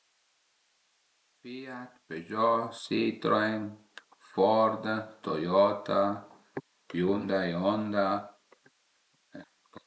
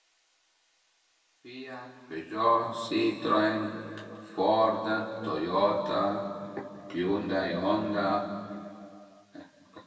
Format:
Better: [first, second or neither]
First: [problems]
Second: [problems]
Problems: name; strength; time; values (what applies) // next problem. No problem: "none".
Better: first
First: none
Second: room echo; dies away in 2.2 s